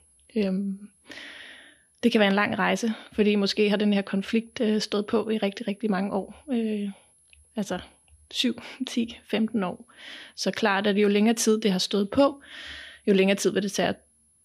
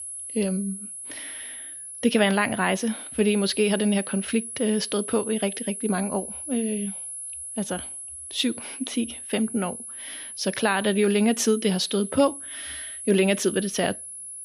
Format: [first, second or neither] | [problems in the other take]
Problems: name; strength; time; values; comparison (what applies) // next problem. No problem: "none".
first | high-pitched whine; loud; throughout; 10.5 kHz, 9 dB below the speech; faint in the first